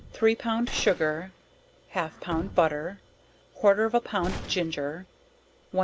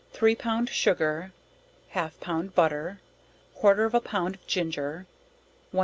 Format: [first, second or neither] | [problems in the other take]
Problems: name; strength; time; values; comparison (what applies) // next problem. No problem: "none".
second | background sound (Gunshot, gunfire + Truck); 15 dB below the speech